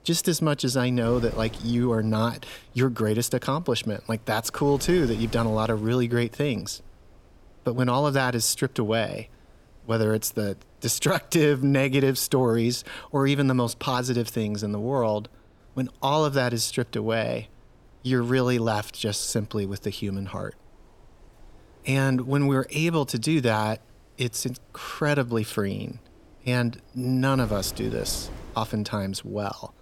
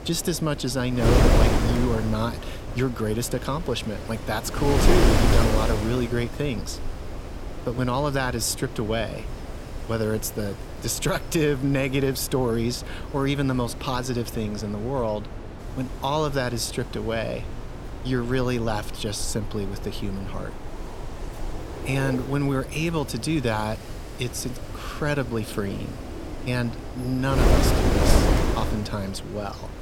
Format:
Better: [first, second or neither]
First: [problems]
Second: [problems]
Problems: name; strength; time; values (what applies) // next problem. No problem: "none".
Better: first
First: wind noise on the microphone; occasional gusts; 25 dB below the speech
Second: wind noise on the microphone; heavy; 4 dB below the speech